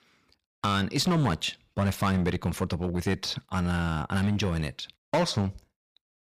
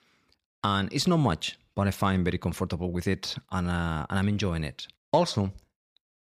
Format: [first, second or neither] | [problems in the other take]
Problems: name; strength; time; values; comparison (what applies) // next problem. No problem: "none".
second | distortion; slight; 6% of the sound clipped